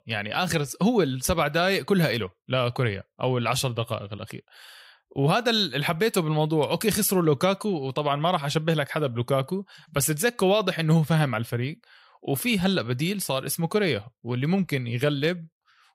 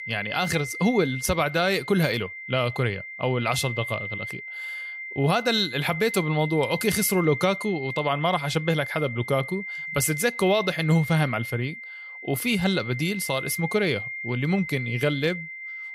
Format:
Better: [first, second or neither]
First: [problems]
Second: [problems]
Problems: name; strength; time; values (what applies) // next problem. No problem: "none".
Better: first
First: none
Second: high-pitched whine; loud; throughout; 2 kHz, 8 dB below the speech